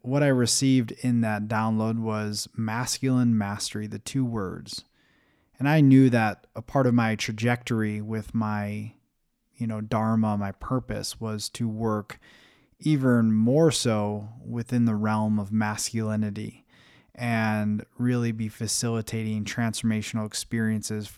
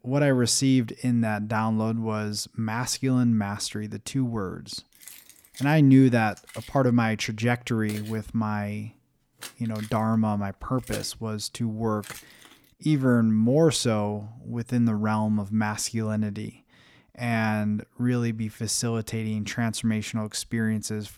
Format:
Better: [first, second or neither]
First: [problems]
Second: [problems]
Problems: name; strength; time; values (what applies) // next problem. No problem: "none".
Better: first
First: none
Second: jangling keys; faint; from 5 to 12 s; peak 10 dB below the speech